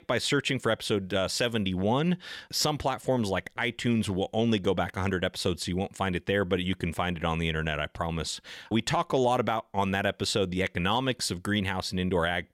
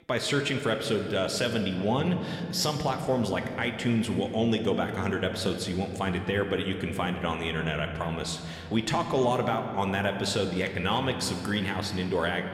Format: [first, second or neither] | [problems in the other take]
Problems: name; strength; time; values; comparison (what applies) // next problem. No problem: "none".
first | room echo; slight; dies away in 2.1 s